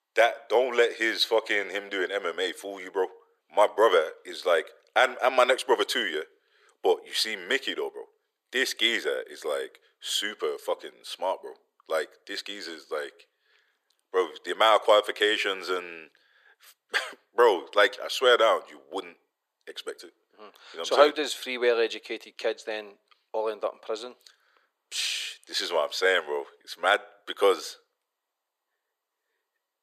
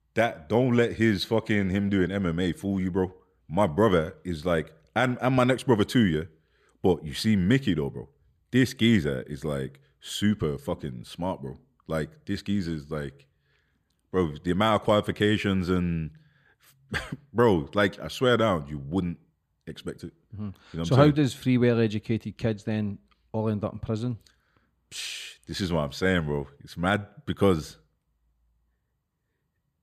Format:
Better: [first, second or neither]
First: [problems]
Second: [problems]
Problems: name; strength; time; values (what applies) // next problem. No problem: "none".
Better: second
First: thin; very; fading below 450 Hz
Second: none